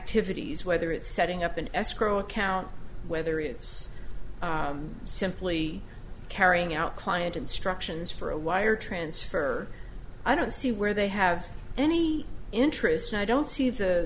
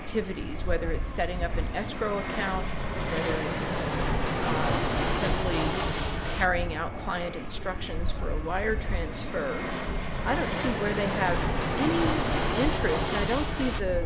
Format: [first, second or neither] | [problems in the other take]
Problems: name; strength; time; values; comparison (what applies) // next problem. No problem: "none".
first | background sound (Fixed-wing aircraft, airplane); 2 dB above the speech